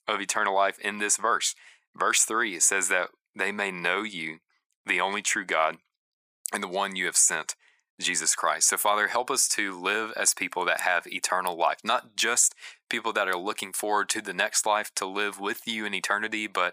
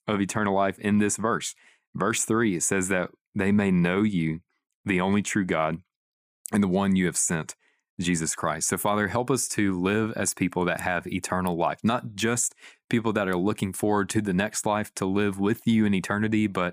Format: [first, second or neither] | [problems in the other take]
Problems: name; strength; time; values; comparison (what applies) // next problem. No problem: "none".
second | thin; very; fading below 700 Hz